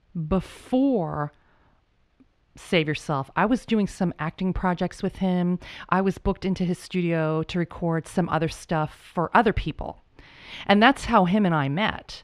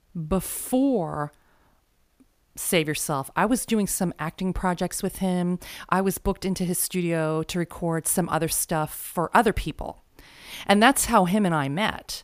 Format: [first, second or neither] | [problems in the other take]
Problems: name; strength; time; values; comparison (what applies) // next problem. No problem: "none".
second | muffled; slightly; fading above 3 kHz